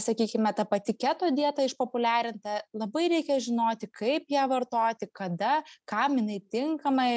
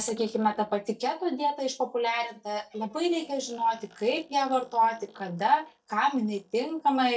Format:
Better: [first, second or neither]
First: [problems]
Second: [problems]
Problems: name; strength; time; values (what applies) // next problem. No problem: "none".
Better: first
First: none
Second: noise reduction (neural mask model DeepFilterNet 3)